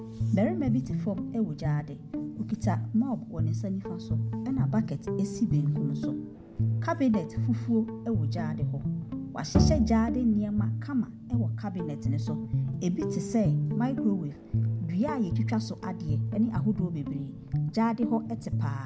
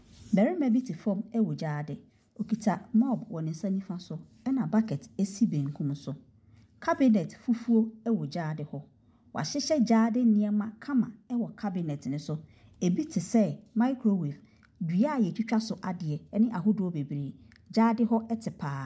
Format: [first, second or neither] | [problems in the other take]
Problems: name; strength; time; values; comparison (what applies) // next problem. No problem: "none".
second | background sound (Bowed string instrument + Guitar); as loud as the speech